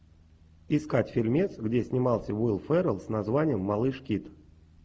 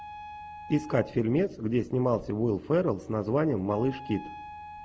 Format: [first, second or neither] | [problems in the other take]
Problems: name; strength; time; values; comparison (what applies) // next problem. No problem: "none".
first | background sound (Wind instrument, woodwind instrument); 17 dB below the speech